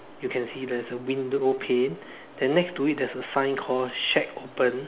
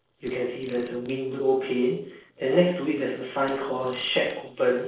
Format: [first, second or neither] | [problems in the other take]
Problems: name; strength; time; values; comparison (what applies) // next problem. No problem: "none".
first | noise reduction (neural separator model SepFormer DNS4)